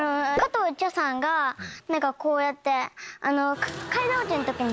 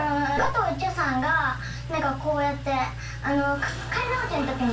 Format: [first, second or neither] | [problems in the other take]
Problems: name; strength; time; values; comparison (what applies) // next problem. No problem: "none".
first | background sound (Engine); 9 dB below the speech // room echo; dies away in 0.2 s